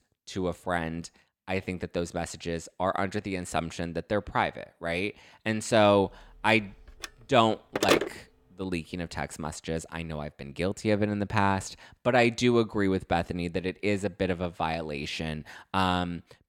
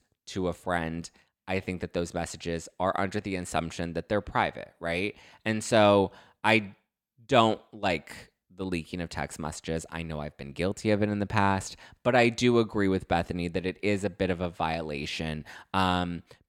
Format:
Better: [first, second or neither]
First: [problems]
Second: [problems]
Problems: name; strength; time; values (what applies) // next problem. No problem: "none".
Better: second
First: phone ringing; loud; from 7 to 8 s; peak 4 dB above the speech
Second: none